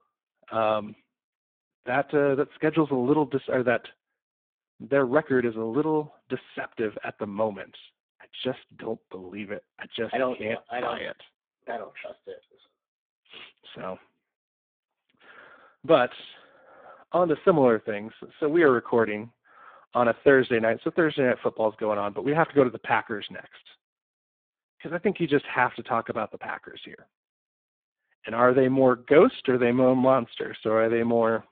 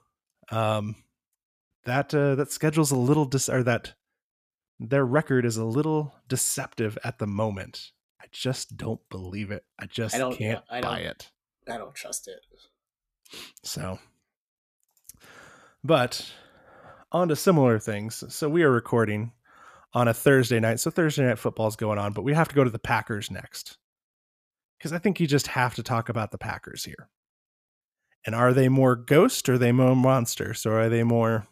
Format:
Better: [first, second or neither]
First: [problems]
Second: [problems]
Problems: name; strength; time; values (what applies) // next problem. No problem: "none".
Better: second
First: phone-call audio; poor line; nothing above 3.5 kHz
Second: none